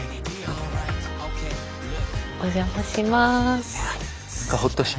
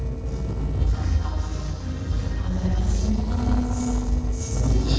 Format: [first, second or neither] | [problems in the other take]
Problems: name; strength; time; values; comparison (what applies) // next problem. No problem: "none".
first | noise reduction (neural separator model SepFormer DNS4)